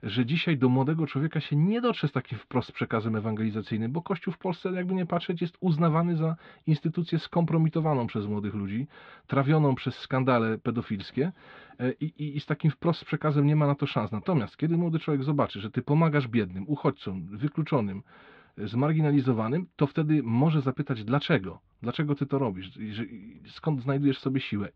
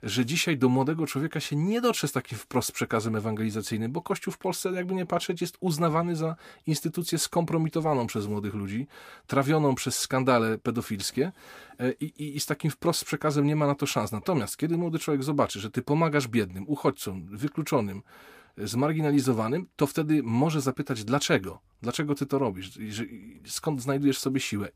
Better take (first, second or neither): second